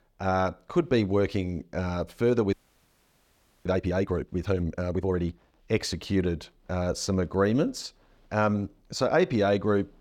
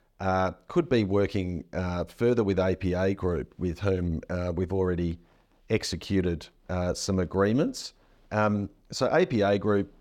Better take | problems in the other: second | audio freezing; at 2.5 s for 1 s

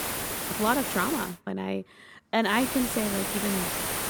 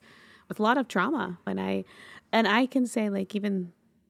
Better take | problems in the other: second | hiss; loud; until 1.5 s and from 2.5 s on; 1 dB below the speech

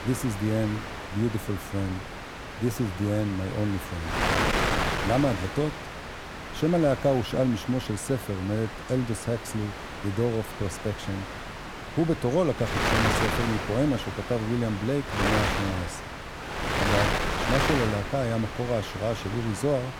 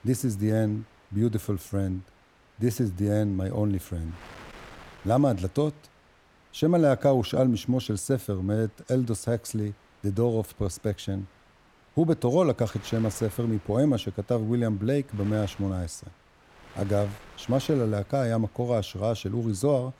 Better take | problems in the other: second | wind noise on the microphone; heavy; 1 dB above the speech; occasional gusts in the second

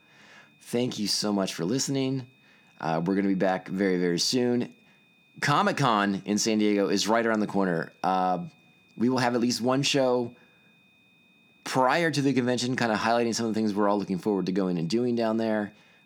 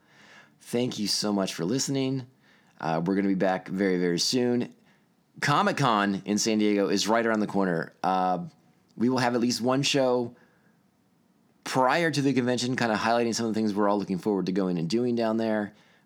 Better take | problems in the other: second | high-pitched whine; faint; throughout; 2.5 kHz, 35 dB below the speech

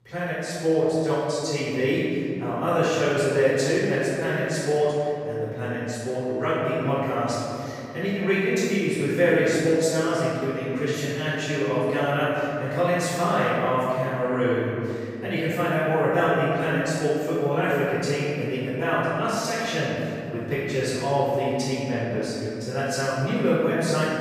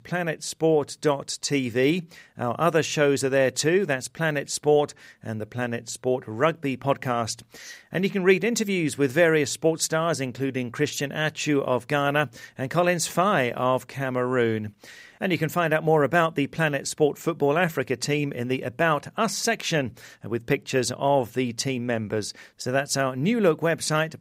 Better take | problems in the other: second | off-mic speech; far // room echo; strong; dies away in 2.5 s

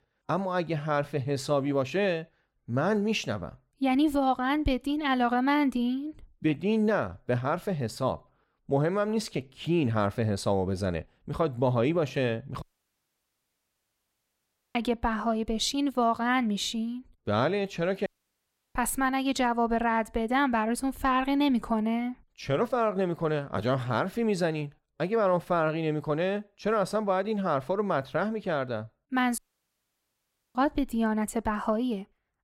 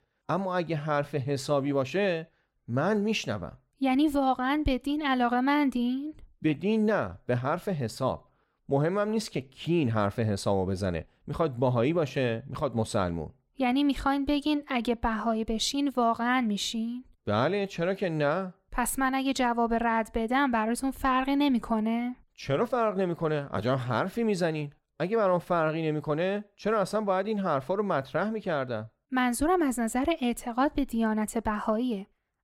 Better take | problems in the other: second | audio cutting out; at 13 s for 2 s, at 18 s for 0.5 s and at 29 s for 1 s

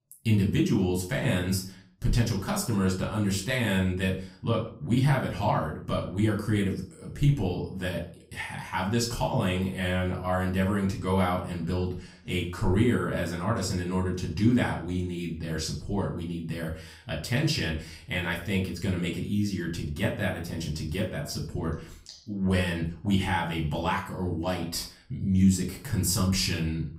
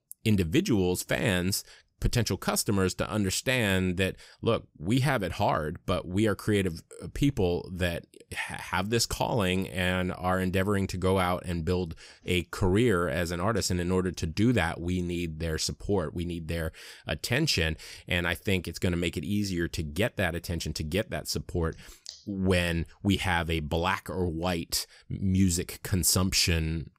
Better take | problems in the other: second | off-mic speech; far // room echo; slight; dies away in 0.4 s

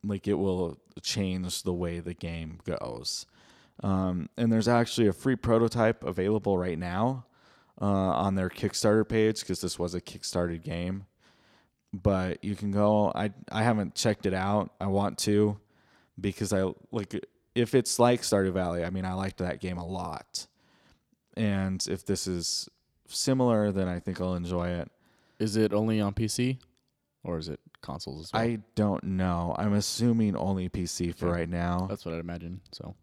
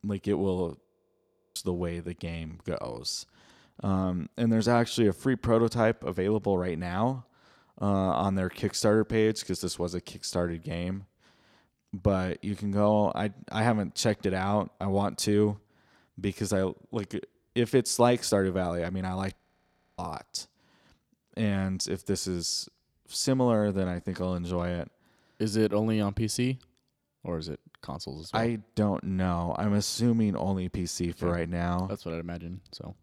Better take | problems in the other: first | audio freezing; at 1 s for 0.5 s and at 19 s for 0.5 s

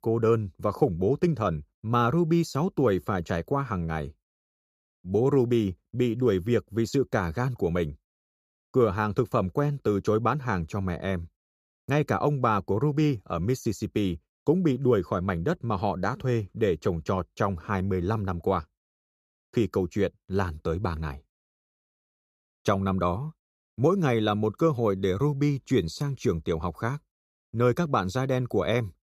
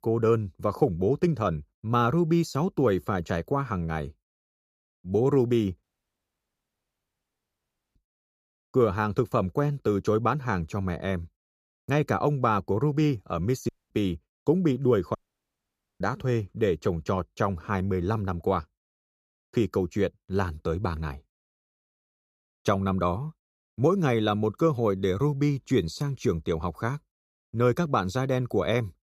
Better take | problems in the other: first | audio cutting out; at 6 s for 2 s, at 14 s and at 15 s for 1 s

